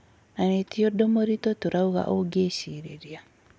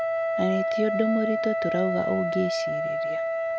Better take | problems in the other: first | background sound (Wind instrument, woodwind instrument); 2 dB above the speech

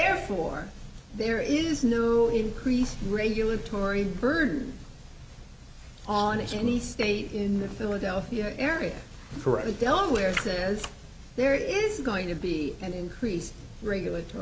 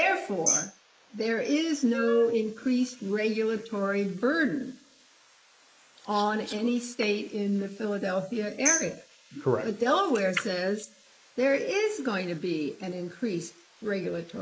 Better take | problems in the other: first | noise reduction (neural mask model Resemble Enhance denoiser)

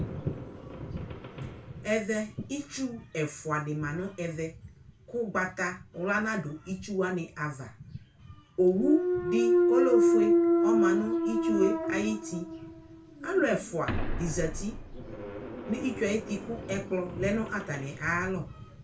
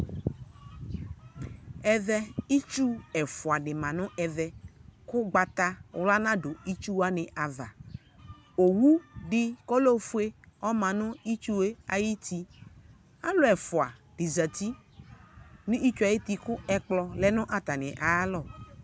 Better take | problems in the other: second | background sound (Thump, thud); as loud as the speech // room echo; dies away in 0.3 s

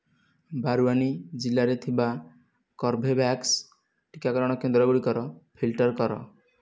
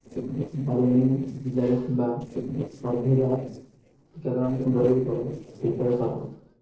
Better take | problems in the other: first | noise reduction (neural separator model SepFormer DNS4)

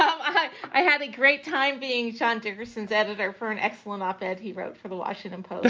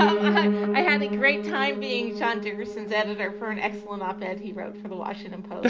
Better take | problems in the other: first | background sound (Piano); 1 dB below the speech

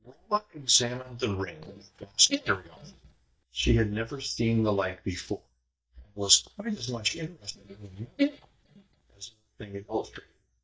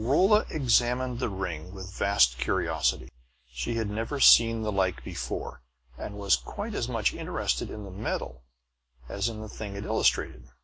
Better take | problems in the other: second | noise reduction (neural mask model DeepFilterNet 3)

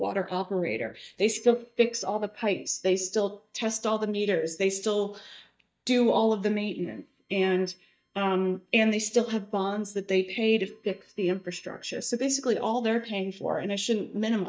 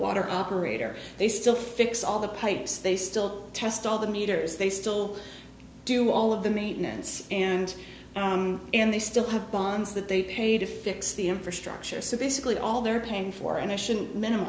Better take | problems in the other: second | noise reduction (neural mask model DeepFilterNet 3)

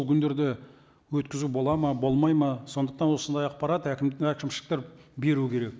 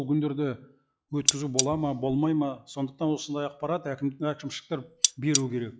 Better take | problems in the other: first | noise reduction (classical method log-MMSE)

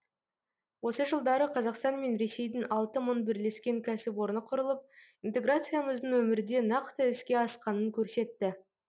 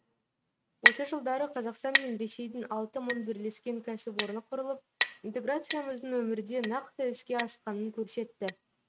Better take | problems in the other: first | noise reduction (neural mask model RNNoise)

